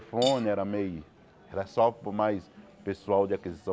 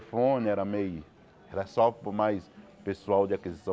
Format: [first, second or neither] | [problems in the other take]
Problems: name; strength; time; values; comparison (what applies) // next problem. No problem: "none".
second | background sound (Cutlery, silverware / Dishes, pots, and pans); 14 dB below the speech